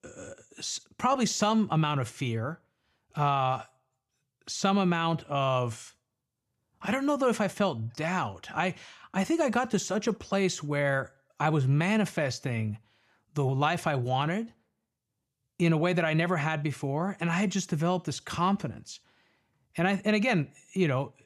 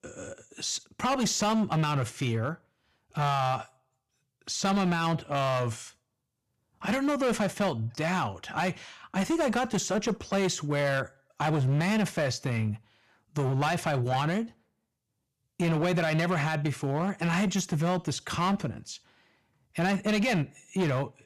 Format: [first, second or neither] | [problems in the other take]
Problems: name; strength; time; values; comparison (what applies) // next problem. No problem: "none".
first | distortion; slight; 12% of the sound clipped